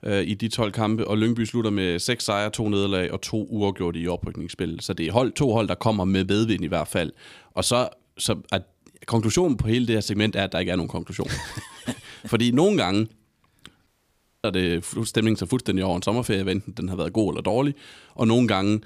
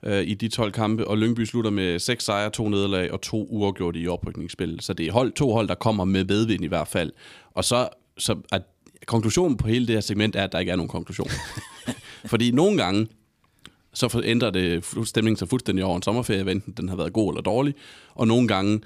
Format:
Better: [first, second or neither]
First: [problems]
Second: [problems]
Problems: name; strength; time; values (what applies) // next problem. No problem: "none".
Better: second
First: audio cutting out; at 14 s for 0.5 s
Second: none